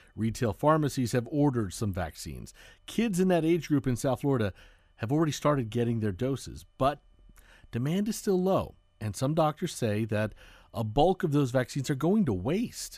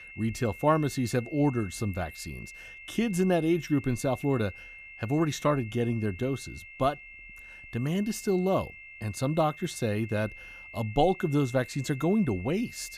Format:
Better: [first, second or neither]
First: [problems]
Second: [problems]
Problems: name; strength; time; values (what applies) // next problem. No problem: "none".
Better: first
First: none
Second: high-pitched whine; noticeable; throughout; 2 kHz, 15 dB below the speech